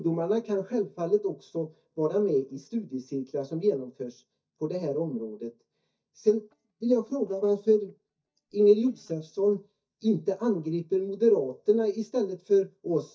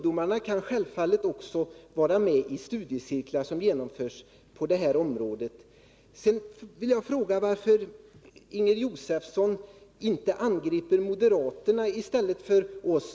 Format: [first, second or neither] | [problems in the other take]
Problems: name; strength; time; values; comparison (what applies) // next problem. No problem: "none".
second | noise reduction (neural mask model DeepFilterNet 3)